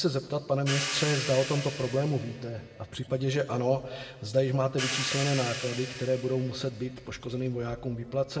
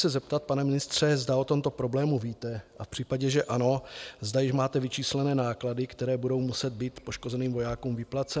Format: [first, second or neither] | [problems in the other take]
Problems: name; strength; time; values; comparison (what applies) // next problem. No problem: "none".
second | background sound (Hi-hat); 9 dB below the speech // room echo; dies away in 1.4 s